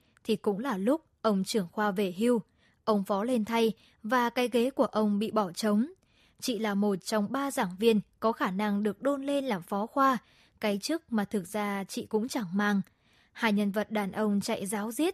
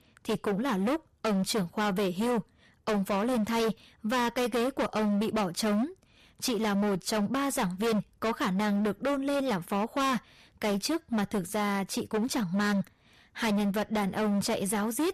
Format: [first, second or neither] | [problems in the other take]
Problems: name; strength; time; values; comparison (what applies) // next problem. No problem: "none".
first | distortion; heavy; 26% of the sound clipped